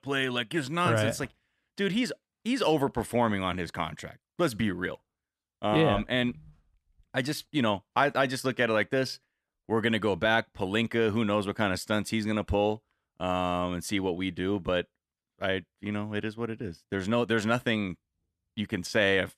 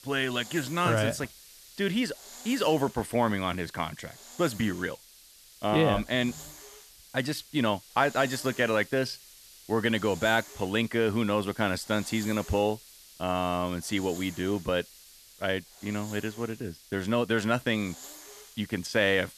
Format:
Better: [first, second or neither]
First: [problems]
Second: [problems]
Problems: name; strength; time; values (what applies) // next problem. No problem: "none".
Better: first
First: none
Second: hiss; noticeable; throughout; 20 dB below the speech